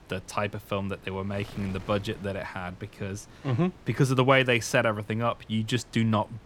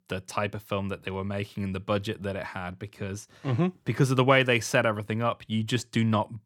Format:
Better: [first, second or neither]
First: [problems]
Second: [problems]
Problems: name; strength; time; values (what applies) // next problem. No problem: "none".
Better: second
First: wind noise on the microphone; occasional gusts; 25 dB below the speech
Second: none